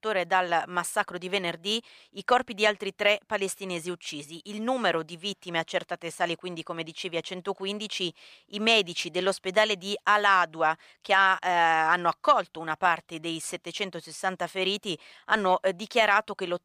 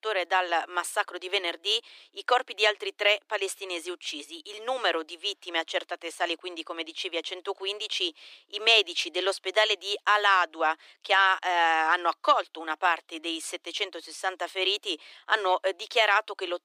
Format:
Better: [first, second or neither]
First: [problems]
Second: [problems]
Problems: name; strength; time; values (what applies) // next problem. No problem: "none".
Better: first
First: none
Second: thin; very; fading below 300 Hz